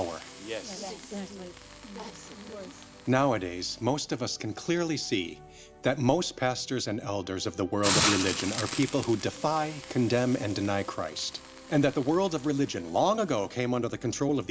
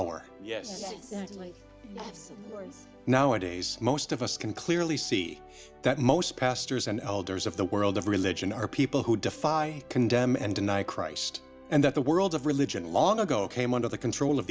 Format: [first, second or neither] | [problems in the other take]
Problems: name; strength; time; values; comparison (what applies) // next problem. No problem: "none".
second | background sound (Hiss); 10 dB below the speech